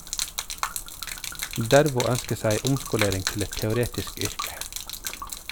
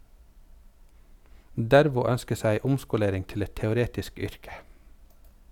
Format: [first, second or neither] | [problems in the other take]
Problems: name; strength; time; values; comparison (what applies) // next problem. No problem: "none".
second | background sound (Gurgling / Liquid); 6 dB below the speech